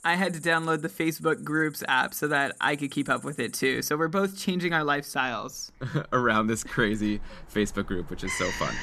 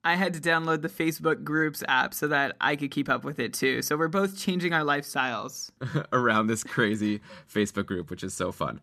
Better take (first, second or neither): second